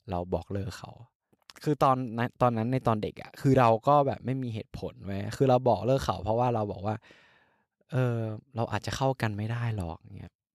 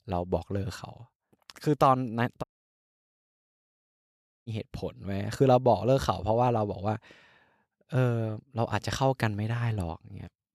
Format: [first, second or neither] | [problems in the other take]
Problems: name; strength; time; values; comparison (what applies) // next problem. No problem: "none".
first | audio cutting out; at 2.5 s for 2 s